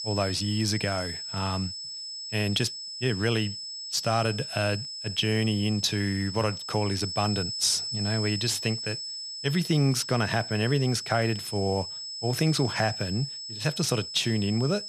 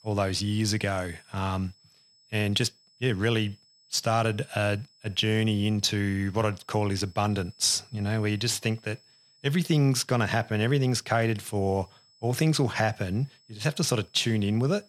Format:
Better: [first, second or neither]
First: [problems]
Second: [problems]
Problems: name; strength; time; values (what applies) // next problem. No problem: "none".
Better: second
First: high-pitched whine; loud; throughout; 5 kHz, 6 dB below the speech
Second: high-pitched whine; faint; throughout; 5 kHz, 30 dB below the speech